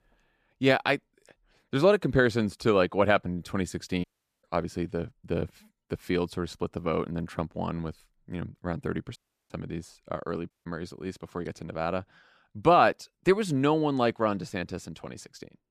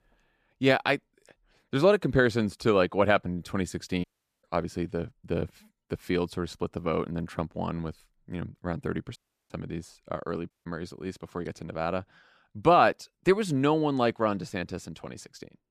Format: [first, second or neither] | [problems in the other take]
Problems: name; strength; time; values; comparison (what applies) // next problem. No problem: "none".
neither | audio cutting out; at 4 s, at 9 s and at 11 s; the same in both